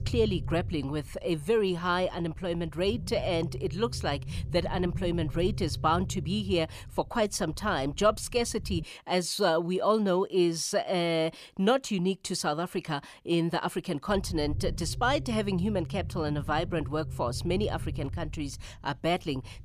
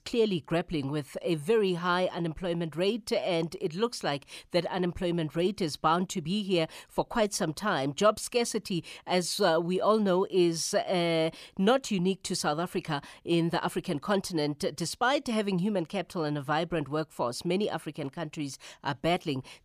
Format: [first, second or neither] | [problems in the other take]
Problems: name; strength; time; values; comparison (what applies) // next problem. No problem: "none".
second | low rumble; faint; until 9 s and from 14 s on; 20 dB below the speech